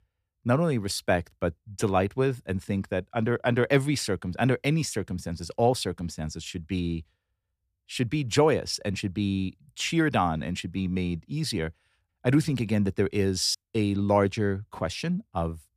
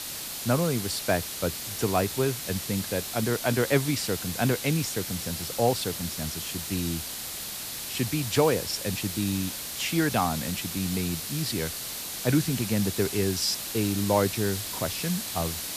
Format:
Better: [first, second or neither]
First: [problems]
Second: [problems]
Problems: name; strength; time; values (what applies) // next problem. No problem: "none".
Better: first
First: none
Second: hiss; loud; throughout; 4 dB below the speech